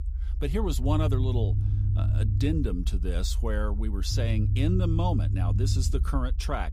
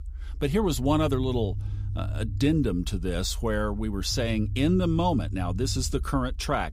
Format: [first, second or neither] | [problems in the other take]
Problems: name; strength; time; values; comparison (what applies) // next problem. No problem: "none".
second | low rumble; loud; throughout; 8 dB below the speech; faint in the second